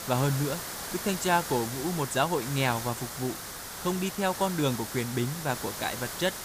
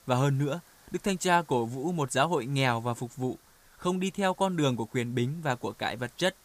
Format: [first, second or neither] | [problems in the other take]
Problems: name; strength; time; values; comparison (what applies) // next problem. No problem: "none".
second | hiss; loud; throughout; 6 dB below the speech; faint in the second